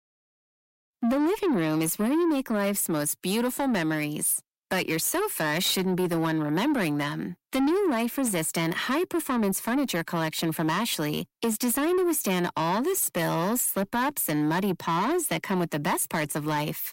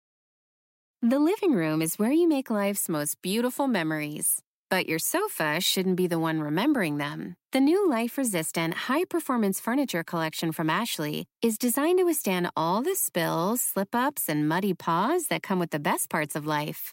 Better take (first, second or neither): second